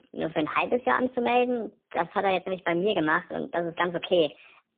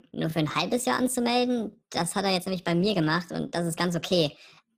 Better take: second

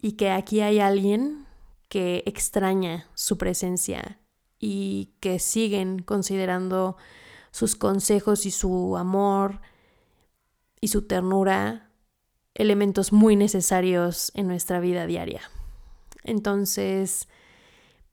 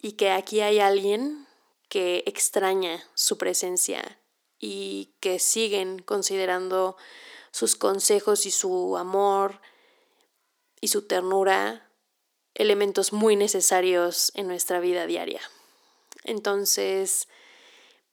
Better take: first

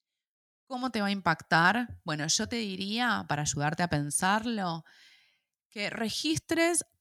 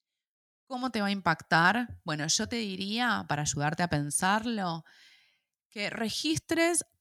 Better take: neither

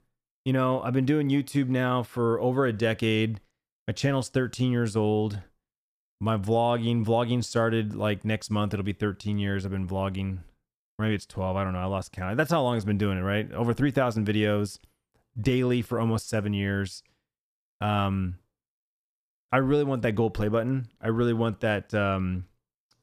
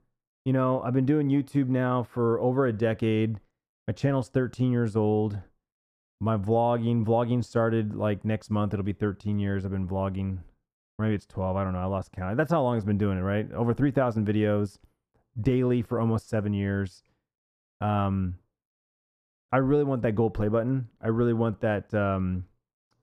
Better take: first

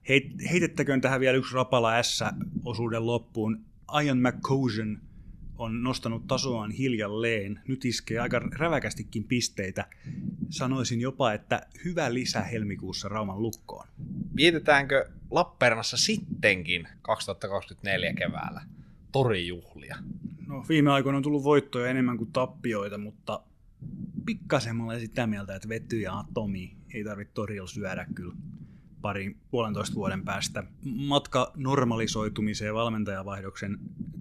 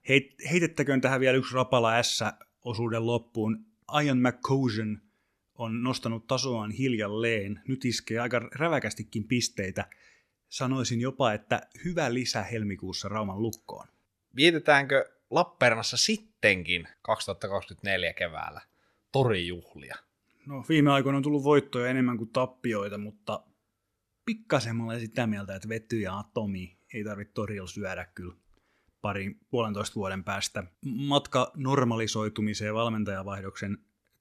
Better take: second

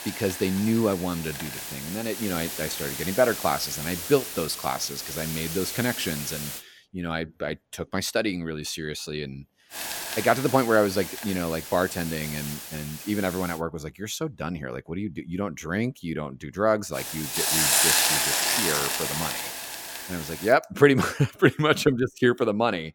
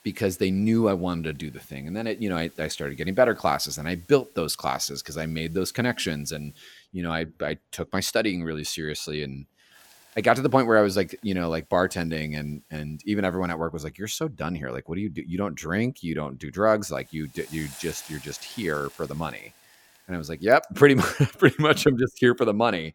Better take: second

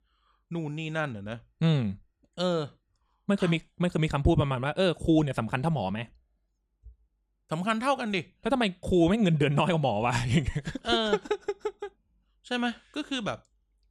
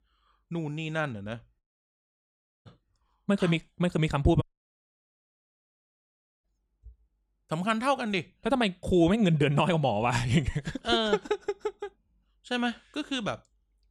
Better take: first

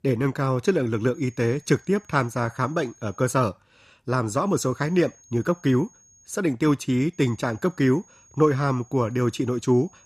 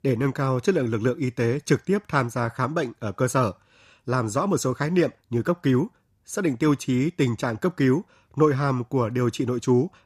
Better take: second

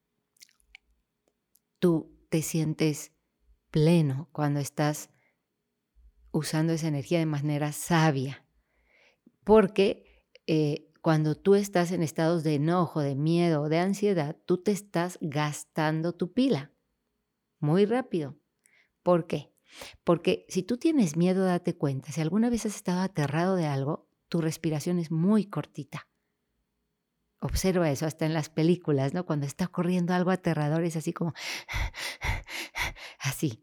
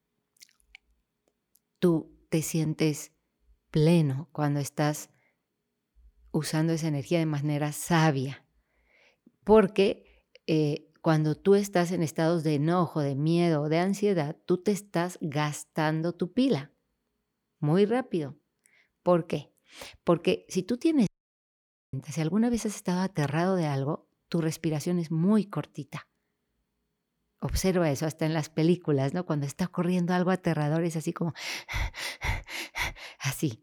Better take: first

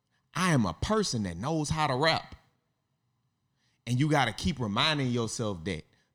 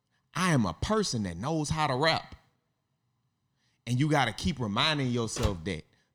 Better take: first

